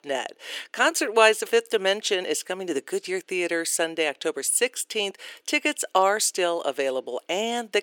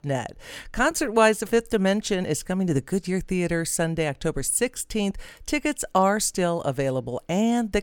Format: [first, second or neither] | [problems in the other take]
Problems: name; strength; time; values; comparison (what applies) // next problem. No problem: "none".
second | thin; somewhat; fading below 350 Hz